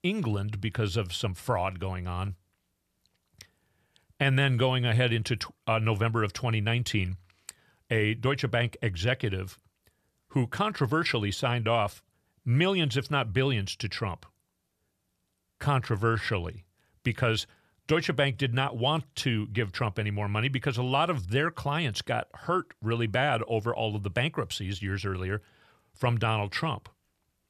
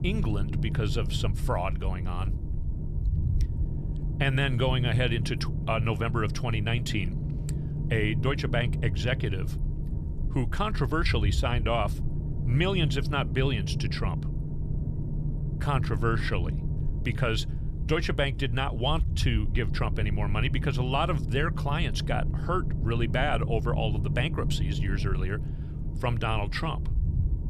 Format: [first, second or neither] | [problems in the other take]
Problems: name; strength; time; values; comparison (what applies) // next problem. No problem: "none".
first | low rumble; noticeable; throughout; 10 dB below the speech